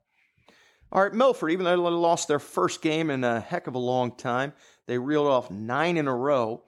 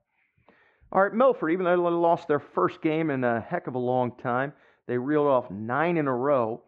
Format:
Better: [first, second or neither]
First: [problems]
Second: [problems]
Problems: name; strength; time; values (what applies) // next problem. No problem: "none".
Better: first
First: none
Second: muffled; very; fading above 2 kHz